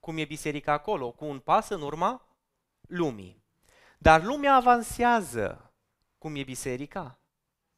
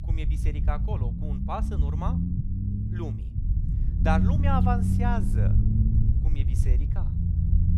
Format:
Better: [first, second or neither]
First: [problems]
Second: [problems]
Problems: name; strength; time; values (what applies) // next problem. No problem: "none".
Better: first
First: none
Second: low rumble; loud; throughout; 6 dB below the speech